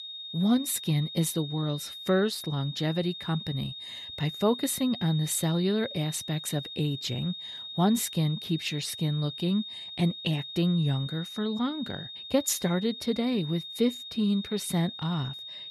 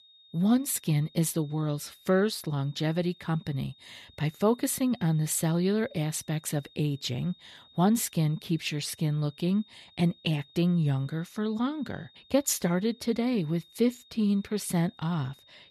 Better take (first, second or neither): second